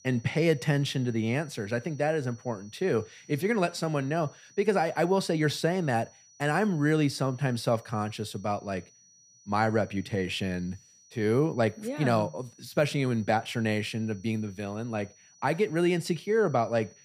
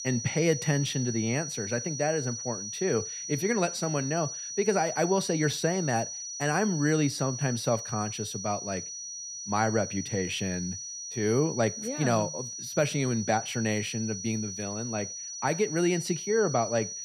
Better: first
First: high-pitched whine; faint; throughout; 6 kHz, 25 dB below the speech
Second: high-pitched whine; loud; throughout; 6 kHz, 6 dB below the speech

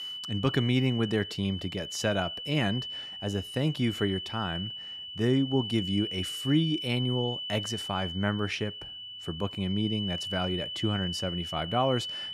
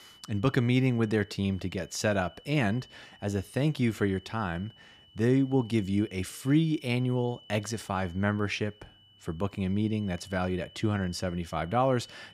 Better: second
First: high-pitched whine; loud; throughout; 3 kHz, 5 dB below the speech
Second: high-pitched whine; faint; throughout; 3 kHz, 25 dB below the speech

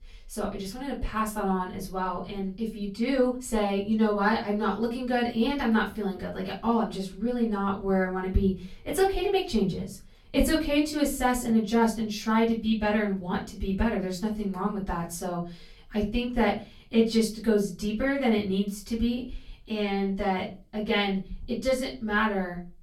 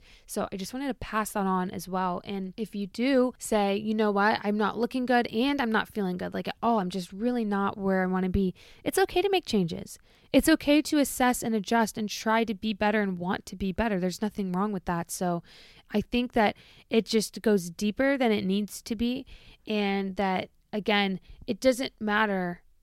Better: second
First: off-mic speech; far // room echo; very slight; dies away in 0.3 s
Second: none

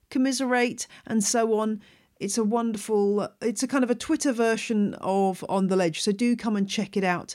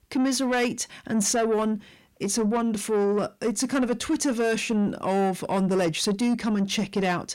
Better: first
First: none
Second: distortion; slight; 10 dB below the speech

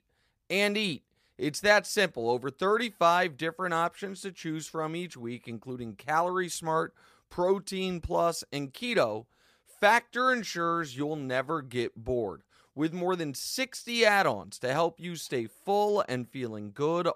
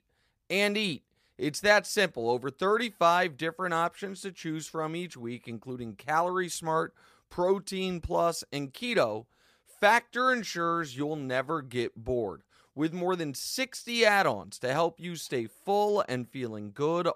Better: neither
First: none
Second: none

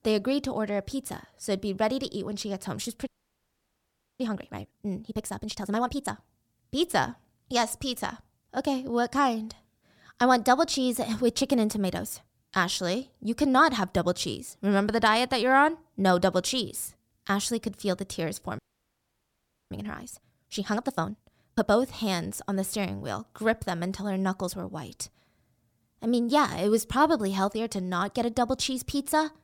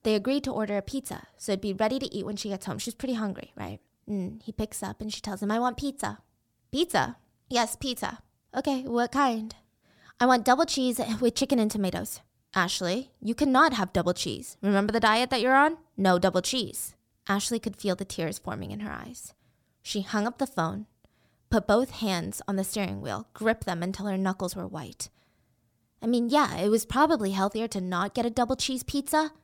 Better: second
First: audio freezing; at 3 s for 1 s and at 19 s for 1 s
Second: none

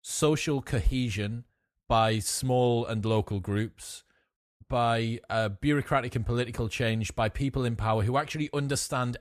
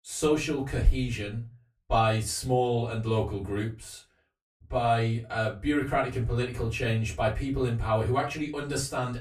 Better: first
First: none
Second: off-mic speech; far // room echo; very slight; dies away in 0.2 s

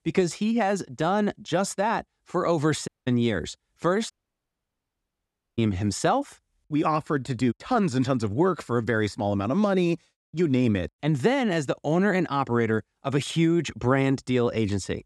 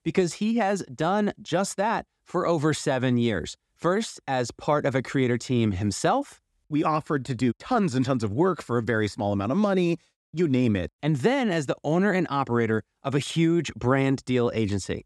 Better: second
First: audio cutting out; at 3 s and at 4 s for 1.5 s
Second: none

